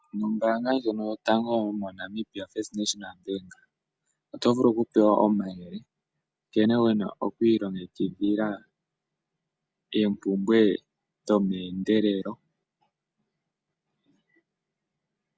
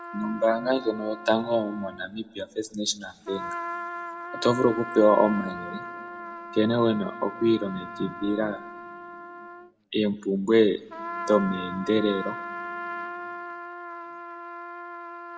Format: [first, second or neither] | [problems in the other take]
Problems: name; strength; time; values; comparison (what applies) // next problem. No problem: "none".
first | background sound (Trumpet); 10 dB below the speech // room echo; dies away in 2.2 s